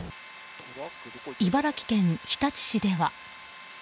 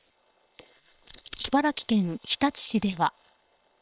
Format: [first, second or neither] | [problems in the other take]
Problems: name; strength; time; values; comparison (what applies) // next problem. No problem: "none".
first | noise reduction (neural separator model SepFormer WHAM!)